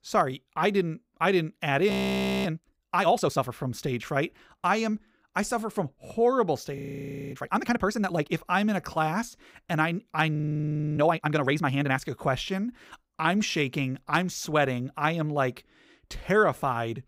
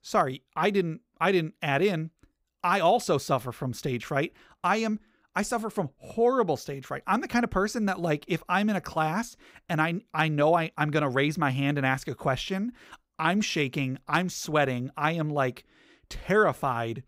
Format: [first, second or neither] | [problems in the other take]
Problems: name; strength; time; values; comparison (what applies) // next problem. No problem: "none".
second | audio freezing; at 2 s for 0.5 s, at 7 s for 0.5 s and at 10 s for 0.5 s